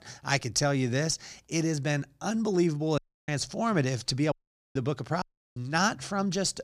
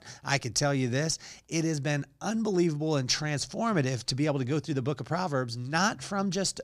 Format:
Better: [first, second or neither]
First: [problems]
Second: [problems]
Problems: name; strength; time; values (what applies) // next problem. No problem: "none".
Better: second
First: audio cutting out; at 3 s, at 4.5 s and at 5 s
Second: none